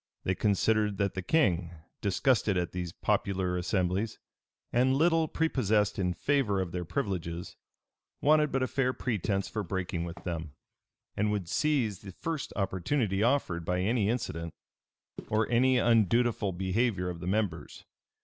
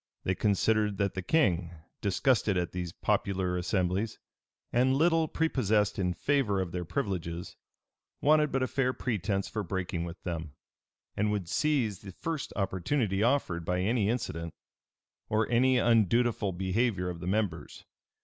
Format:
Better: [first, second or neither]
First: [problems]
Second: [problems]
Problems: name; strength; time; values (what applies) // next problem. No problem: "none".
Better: second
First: background sound (Walk, footsteps); 20 dB below the speech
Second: none